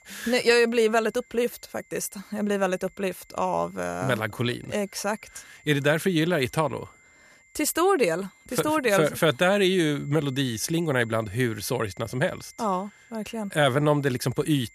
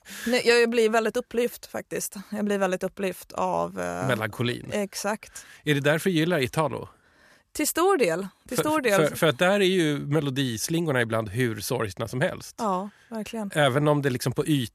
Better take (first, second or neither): second